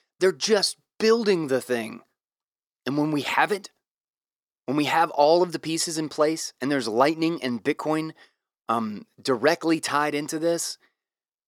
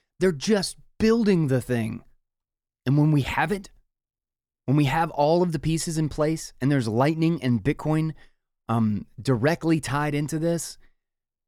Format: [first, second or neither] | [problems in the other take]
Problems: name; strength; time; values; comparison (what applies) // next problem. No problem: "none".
second | thin; somewhat; fading below 400 Hz